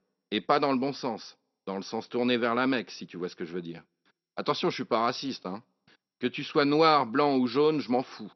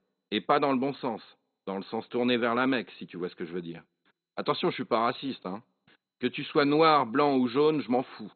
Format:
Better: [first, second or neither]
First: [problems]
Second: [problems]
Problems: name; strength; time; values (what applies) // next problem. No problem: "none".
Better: first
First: garbled, watery; slightly; nothing above 6 kHz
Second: garbled, watery; badly; nothing above 4 kHz